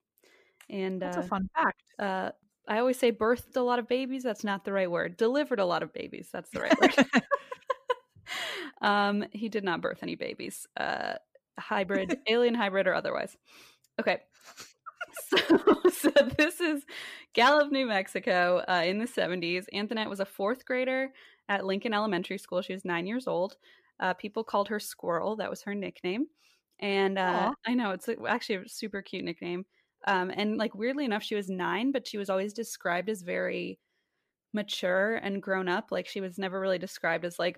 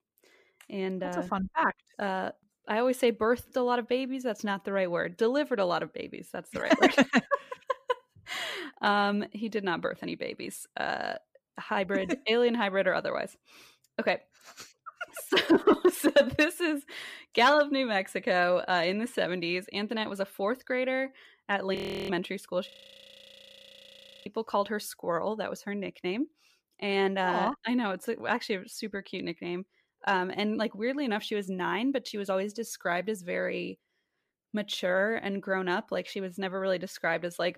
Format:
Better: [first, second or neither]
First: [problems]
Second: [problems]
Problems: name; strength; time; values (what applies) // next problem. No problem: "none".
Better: first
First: none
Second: audio freezing; at 22 s and at 23 s for 1.5 s